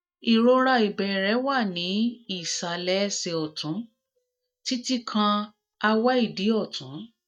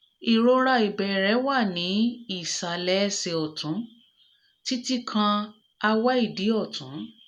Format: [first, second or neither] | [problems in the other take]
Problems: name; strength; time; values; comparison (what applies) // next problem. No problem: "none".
second | noise reduction (neural mask model DeepFilterNet 3)